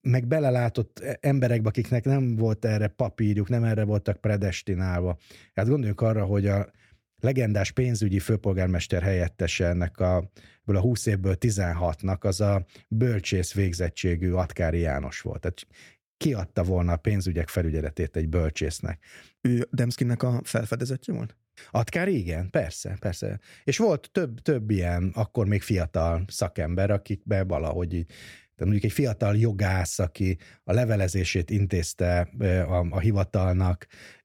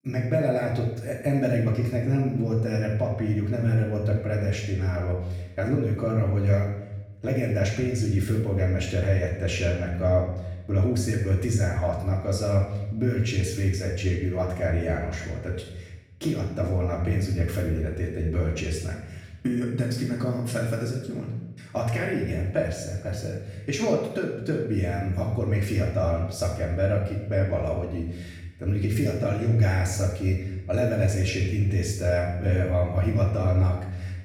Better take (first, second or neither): first